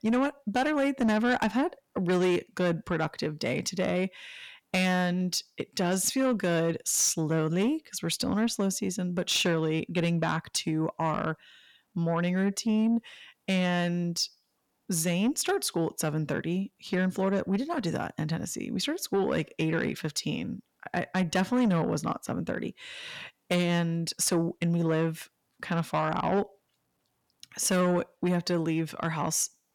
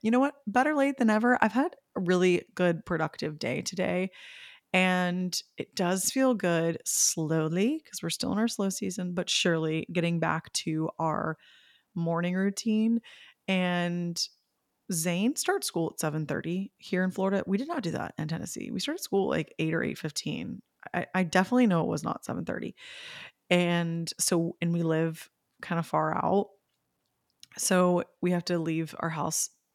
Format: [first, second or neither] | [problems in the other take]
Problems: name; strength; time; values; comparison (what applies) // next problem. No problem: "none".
second | distortion; slight; 10 dB below the speech